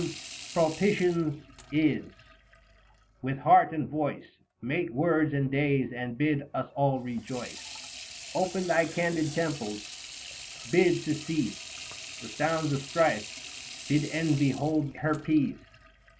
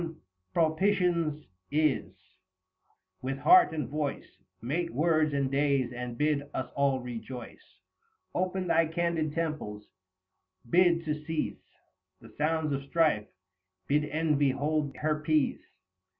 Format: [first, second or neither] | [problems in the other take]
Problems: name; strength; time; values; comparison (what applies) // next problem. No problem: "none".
second | background sound (Sink (filling or washing) / Water tap, faucet); 16 dB below the speech